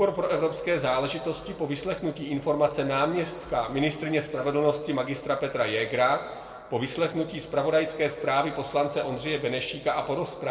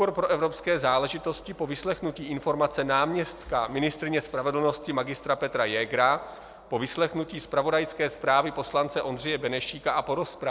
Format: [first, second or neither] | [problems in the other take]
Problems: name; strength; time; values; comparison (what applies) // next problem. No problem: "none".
second | room echo; dies away in 1.4 s